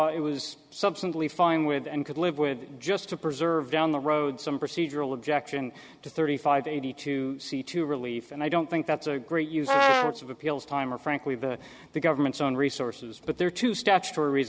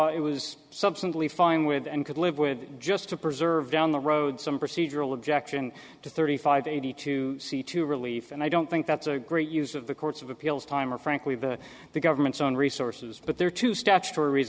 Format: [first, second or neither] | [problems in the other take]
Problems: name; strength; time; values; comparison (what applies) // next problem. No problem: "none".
second | background sound (Brass instrument); 4 dB above the speech